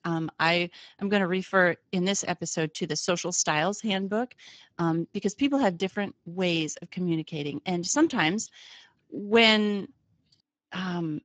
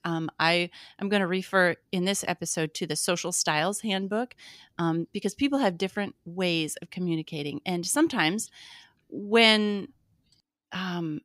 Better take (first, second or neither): second